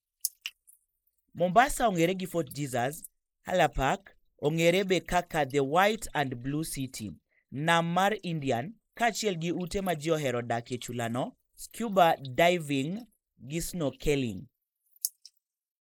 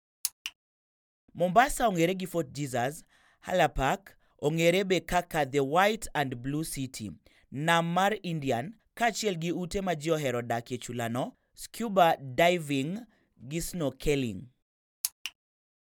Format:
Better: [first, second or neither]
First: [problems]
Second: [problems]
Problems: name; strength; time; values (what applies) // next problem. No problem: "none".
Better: second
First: noise reduction (neural mask model Resemble Enhance denoiser)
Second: none